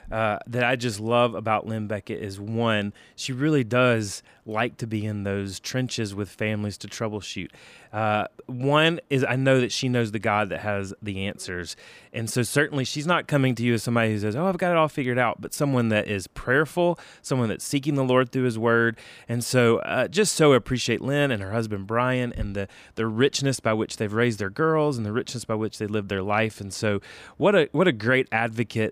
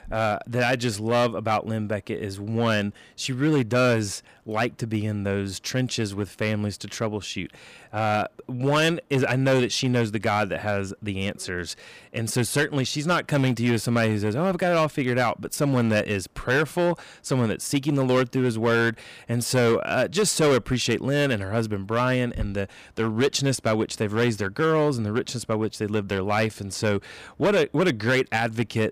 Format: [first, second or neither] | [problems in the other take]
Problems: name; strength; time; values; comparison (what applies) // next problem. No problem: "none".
first | distortion; slight; 6% of the sound clipped